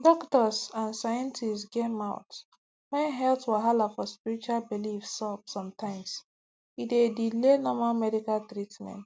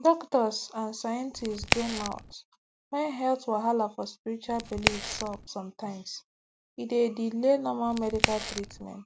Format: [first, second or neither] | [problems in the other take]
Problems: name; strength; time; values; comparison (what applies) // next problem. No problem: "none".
first | background sound (Crack); 2 dB below the speech